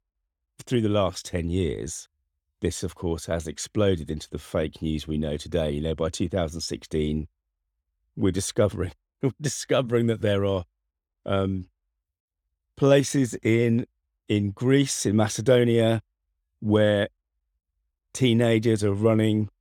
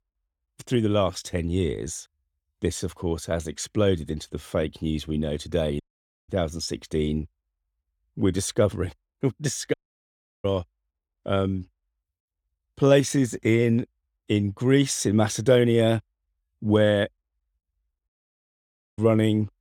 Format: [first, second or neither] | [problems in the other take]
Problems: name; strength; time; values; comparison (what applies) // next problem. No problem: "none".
first | audio cutting out; at 6 s, at 9.5 s for 0.5 s and at 18 s for 1 s